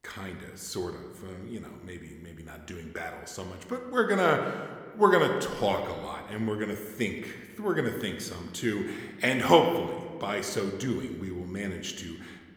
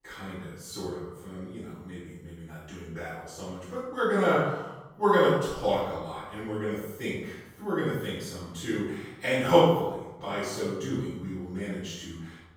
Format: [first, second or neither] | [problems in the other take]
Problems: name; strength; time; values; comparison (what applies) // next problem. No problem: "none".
first | room echo; strong; dies away in 0.9 s; slight in the first // off-mic speech; far